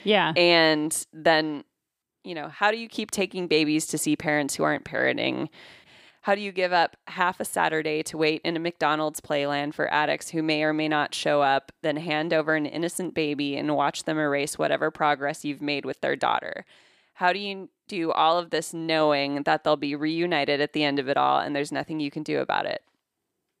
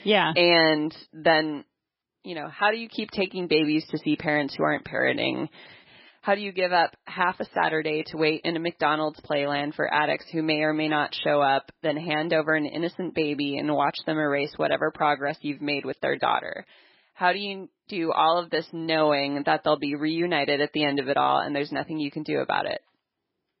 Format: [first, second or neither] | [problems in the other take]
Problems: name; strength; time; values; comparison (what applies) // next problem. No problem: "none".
first | garbled, watery; badly